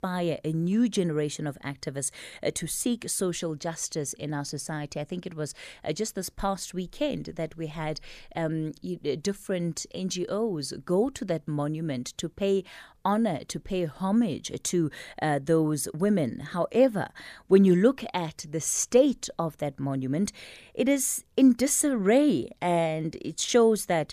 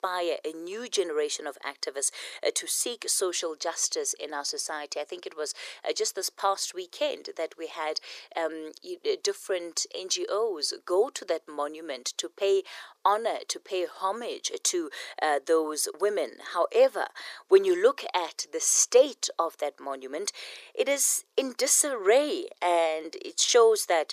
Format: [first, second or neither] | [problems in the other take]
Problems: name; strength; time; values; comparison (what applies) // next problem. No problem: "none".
first | thin; very; fading below 400 Hz